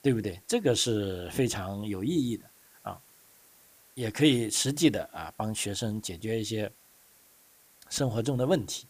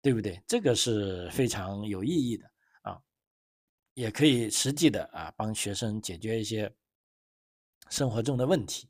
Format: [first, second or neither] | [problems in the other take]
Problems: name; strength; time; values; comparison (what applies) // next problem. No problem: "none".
second | hiss; faint; throughout; 25 dB below the speech